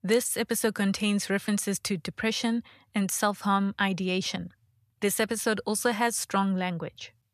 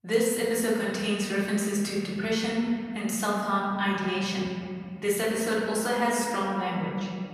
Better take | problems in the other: first | off-mic speech; far // room echo; noticeable; dies away in 2.3 s

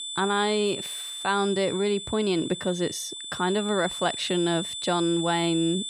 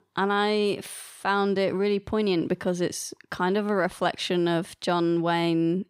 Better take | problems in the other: second | high-pitched whine; loud; throughout; 3.5 kHz, 6 dB below the speech

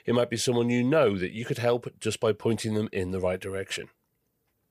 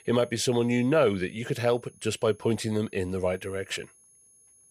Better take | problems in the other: first | high-pitched whine; faint; throughout; 10.5 kHz, 30 dB below the speech

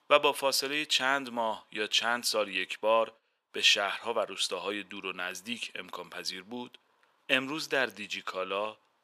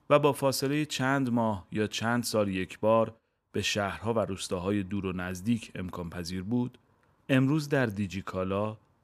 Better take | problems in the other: second | thin; somewhat; fading below 500 Hz

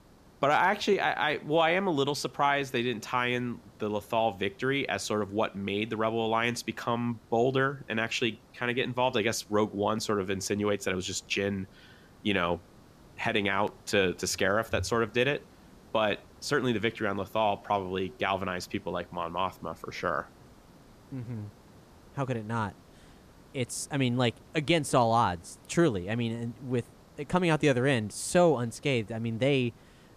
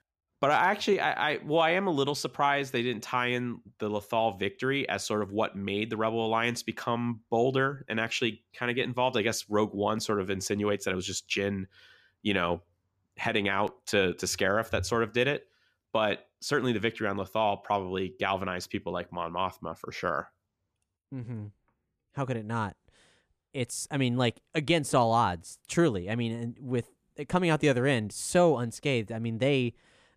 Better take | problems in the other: second | hiss; faint; throughout; 25 dB below the speech

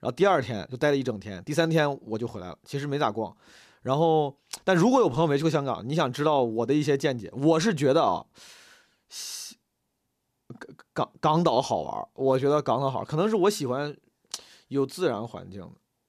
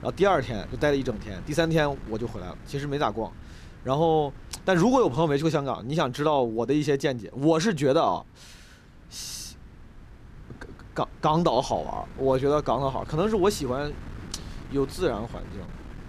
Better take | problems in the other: first | wind noise on the microphone; occasional gusts; 25 dB below the speech

